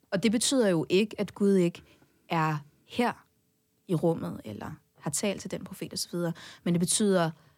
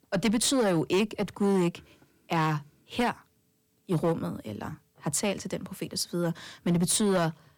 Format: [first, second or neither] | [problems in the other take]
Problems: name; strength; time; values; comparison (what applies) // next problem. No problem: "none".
first | distortion; slight; 7% of the sound clipped